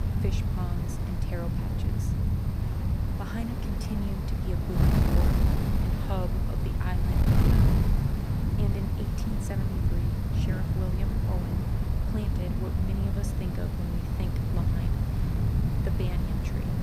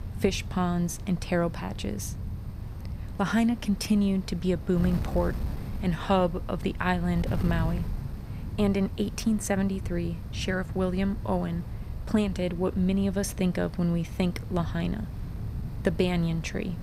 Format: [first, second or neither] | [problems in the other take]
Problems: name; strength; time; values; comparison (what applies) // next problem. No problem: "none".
second | wind noise on the microphone; heavy; 4 dB above the speech; occasional gusts in the second